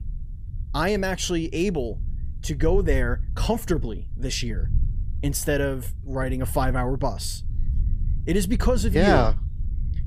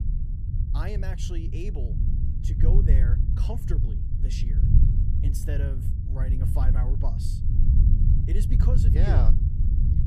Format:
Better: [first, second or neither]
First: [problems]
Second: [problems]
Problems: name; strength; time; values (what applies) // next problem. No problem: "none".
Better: first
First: low rumble; faint; throughout; 20 dB below the speech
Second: low rumble; loud; throughout; 1 dB below the speech